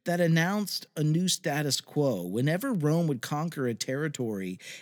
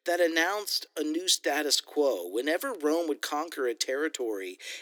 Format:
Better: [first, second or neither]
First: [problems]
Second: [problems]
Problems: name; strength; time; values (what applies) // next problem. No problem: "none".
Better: first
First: none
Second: thin; very; fading below 300 Hz